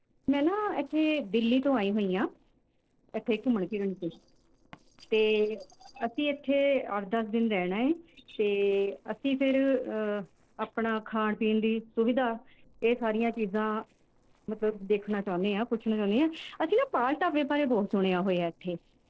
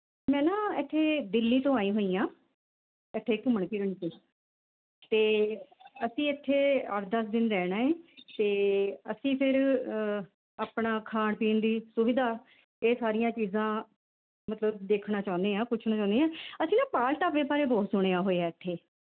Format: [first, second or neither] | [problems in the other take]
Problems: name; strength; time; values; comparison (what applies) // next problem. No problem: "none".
second | noise reduction (neural separator model SepFormer DNS4)